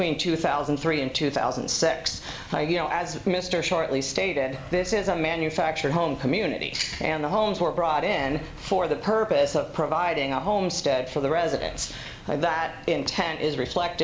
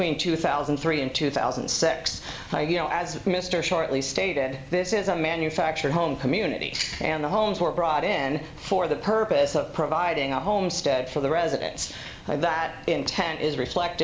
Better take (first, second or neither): second